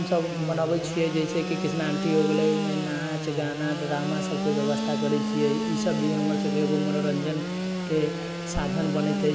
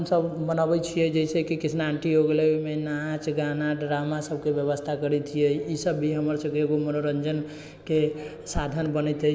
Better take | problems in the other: second | background sound (Sawing / Engine); 2 dB below the speech

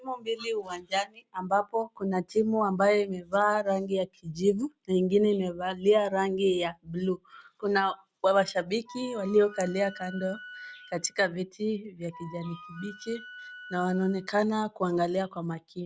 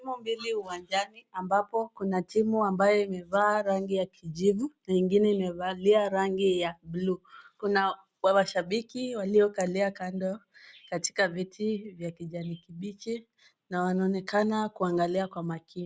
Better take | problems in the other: second | background sound (Wind instrument, woodwind instrument); 18 dB below the speech

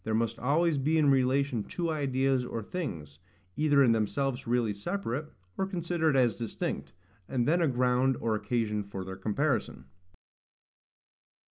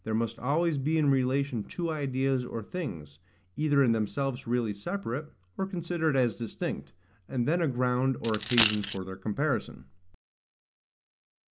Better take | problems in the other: first | background sound (Coin (dropping)); 1 dB below the speech

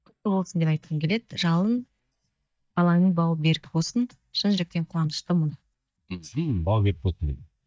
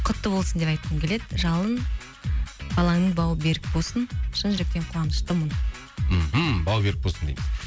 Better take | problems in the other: second | noise reduction (neural mask model DeepFilterNet 3)

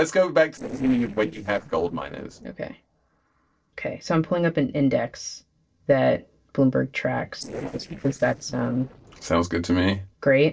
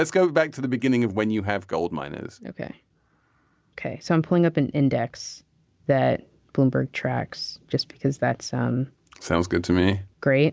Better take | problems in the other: second | noise reduction (neural separator model SepFormer DNS4)

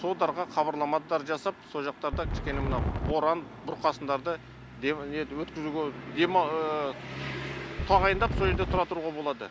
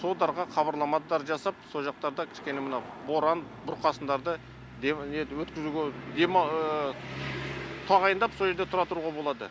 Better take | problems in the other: second | background sound (Wind); 1 dB below the speech

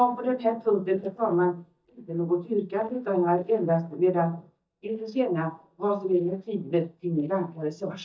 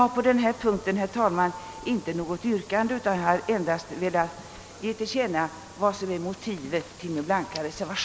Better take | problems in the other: second | noise reduction (neural mask model DeepFilterNet 3)

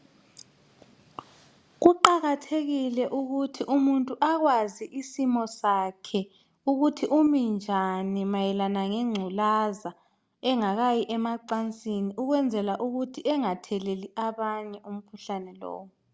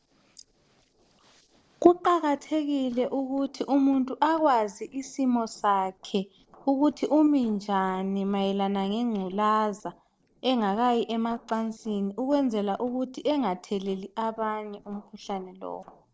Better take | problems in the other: first | noise reduction (neural separator model SepFormer DNS4)

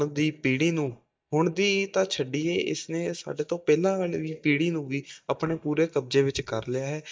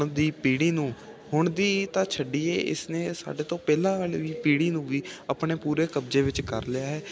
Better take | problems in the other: second | noise reduction (neural mask model DeepFilterNet 3)

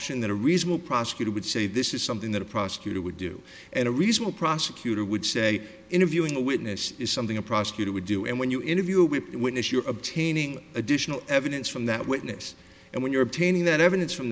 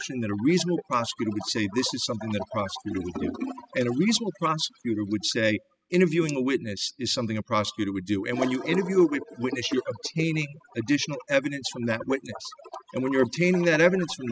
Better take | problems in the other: first | noise reduction (classical method spectral subtraction)

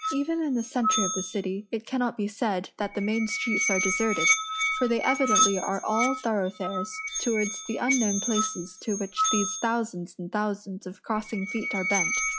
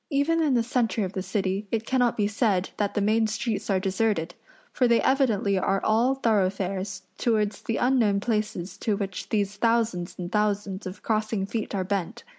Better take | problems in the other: second | noise reduction (classical method log-MMSE)

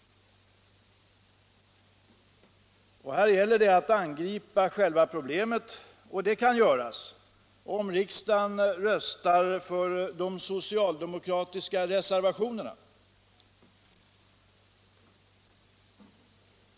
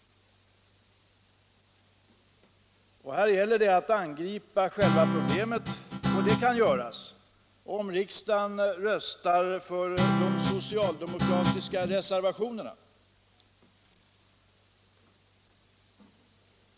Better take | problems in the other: first | background sound (Guitar); 1 dB above the speech

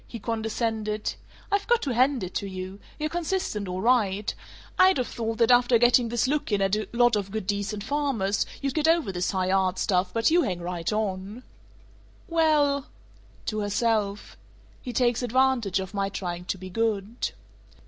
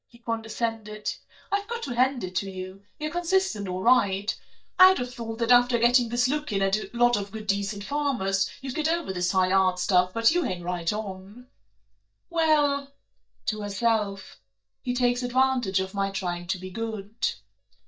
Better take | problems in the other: first | noise reduction (neural mask model DeepFilterNet 3)

